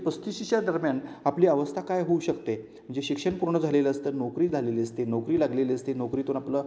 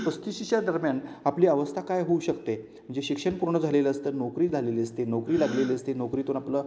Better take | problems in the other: first | background sound (Gasp); 19 dB below the speech

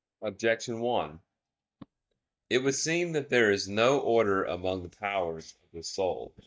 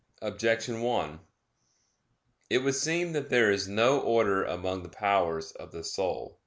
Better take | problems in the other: second | noise reduction (neural mask model DeepFilterNet 3)

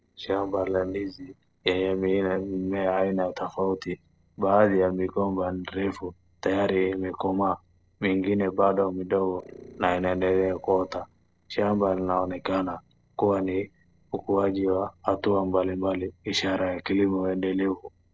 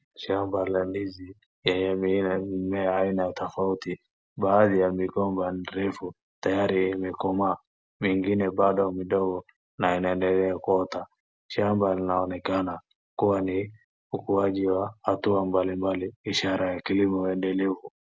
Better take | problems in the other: second | noise reduction (neural separator model SepFormer DNS4)

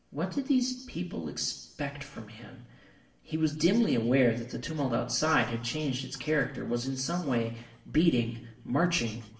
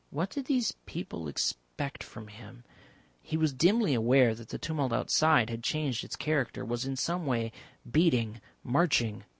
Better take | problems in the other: second | room echo; dies away in 0.9 s

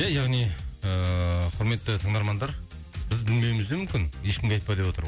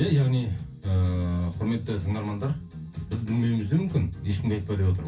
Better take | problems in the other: first | room echo; dies away in 0.3 s

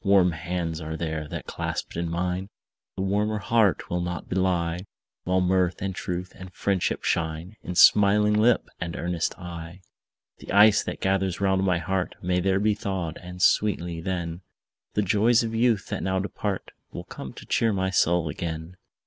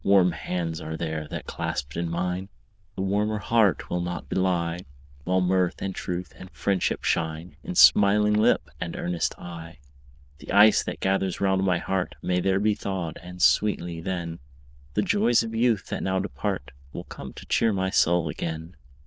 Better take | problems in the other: first | noise reduction (neural diffusion model UNIVERSE++)

